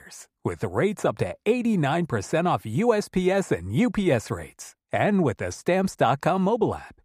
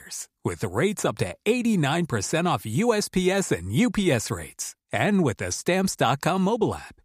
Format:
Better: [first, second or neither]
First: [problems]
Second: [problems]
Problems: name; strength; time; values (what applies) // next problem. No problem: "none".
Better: second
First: muffled; slightly; fading above 3 kHz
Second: none